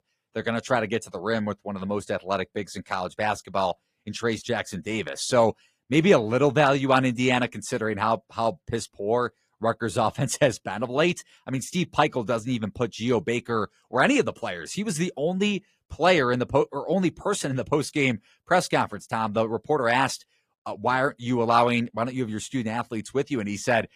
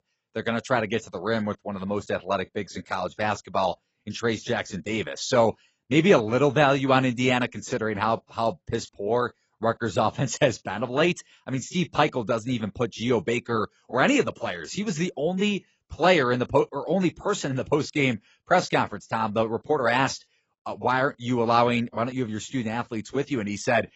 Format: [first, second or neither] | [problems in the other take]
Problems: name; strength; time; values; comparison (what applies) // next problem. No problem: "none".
first | garbled, watery; badly; nothing above 7.5 kHz; slightly in the first